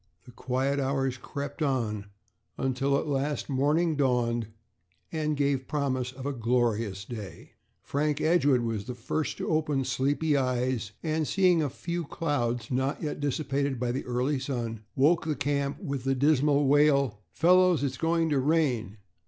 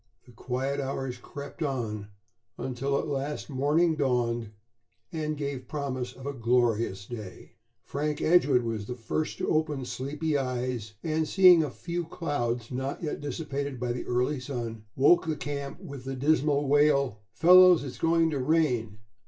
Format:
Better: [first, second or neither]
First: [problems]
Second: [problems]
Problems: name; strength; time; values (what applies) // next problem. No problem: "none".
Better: first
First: none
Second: room echo; dies away in 0.1 s